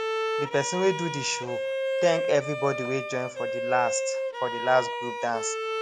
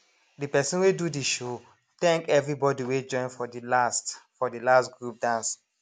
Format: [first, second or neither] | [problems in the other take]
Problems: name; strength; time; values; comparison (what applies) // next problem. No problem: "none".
second | background sound (Bowed string instrument); 2 dB below the speech